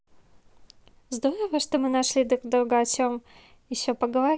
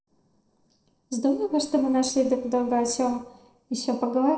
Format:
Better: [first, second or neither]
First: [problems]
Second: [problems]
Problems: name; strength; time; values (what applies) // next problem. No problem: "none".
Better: first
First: none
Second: noise reduction (neural separator model SepFormer DNS4)